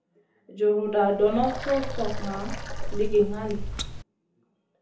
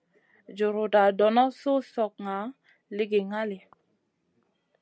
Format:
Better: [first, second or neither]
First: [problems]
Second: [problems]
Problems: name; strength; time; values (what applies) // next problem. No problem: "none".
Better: second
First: background sound (Water); 3 dB below the speech // room echo; dies away in 0.7 s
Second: none